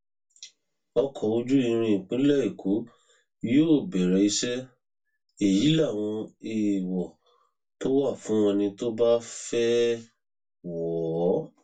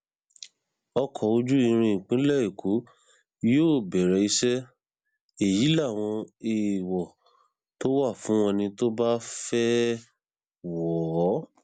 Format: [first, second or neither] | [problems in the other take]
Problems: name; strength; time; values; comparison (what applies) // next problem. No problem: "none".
second | room echo; dies away in 0.2 s